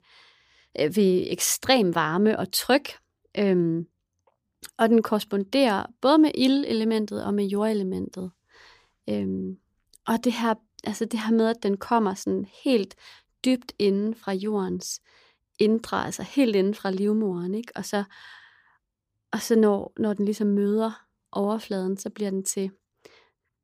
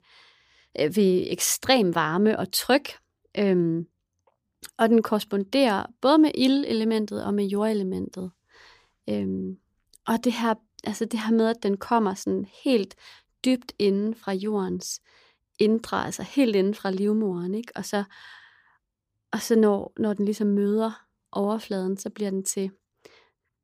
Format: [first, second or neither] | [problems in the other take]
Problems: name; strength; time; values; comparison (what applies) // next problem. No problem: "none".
neither | none